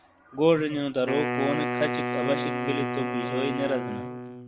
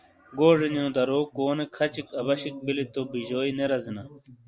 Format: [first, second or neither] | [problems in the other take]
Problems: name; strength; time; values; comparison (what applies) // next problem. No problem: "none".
second | background sound (Wind instrument, woodwind instrument); 3 dB below the speech